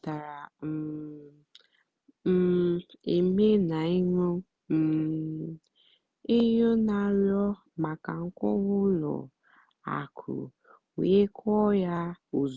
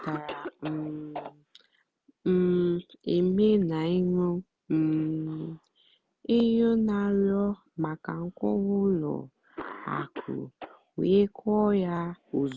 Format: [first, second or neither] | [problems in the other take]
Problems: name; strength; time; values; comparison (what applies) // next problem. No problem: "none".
first | background sound (Cough); 20 dB below the speech